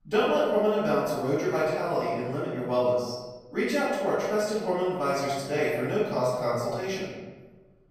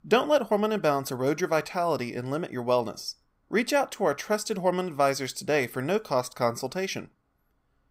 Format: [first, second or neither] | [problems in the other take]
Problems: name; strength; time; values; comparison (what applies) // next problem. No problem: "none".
second | off-mic speech; far // room echo; strong; dies away in 1.2 s